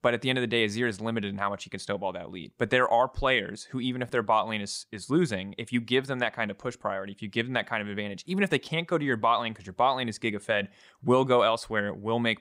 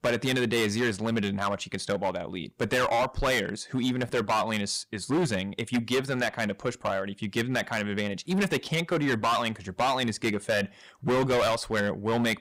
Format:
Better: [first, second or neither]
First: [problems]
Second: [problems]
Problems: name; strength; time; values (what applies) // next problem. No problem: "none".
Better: first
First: none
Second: distortion; heavy; 13% of the sound clipped